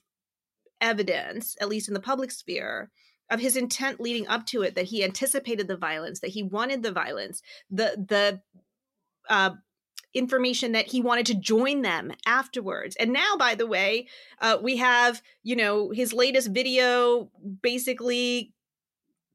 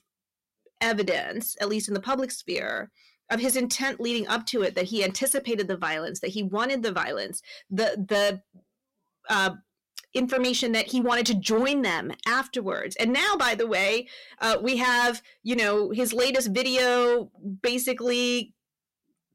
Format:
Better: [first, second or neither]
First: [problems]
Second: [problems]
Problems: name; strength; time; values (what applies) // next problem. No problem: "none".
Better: first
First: none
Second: distortion; slight; 10 dB below the speech